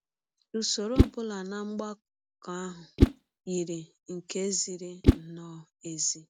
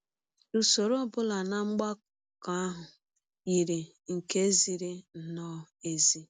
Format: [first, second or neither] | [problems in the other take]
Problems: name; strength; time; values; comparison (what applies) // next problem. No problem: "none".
second | background sound (Whoosh, swoosh, swish); 5 dB above the speech